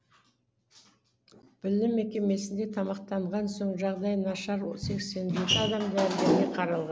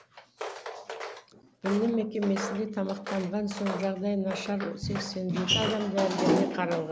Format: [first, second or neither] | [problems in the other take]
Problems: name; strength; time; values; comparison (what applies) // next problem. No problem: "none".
first | background sound (Walk, footsteps); 11 dB below the speech